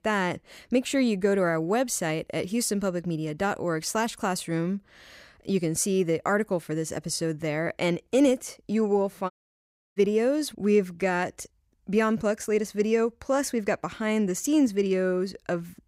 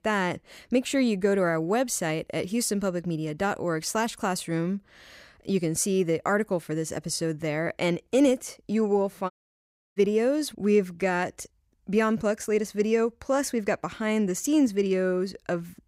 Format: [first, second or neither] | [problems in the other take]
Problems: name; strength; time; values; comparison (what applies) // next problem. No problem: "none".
neither | audio cutting out; at 9.5 s for 0.5 s; the same in both